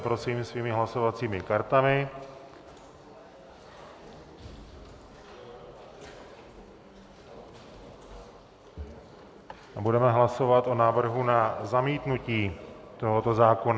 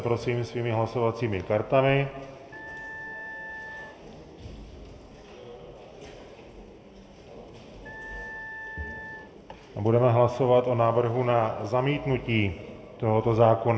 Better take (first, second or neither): first